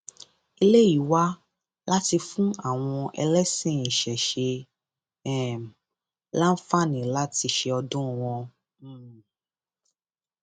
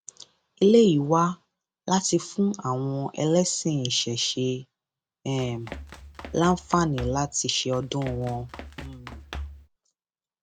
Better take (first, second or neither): first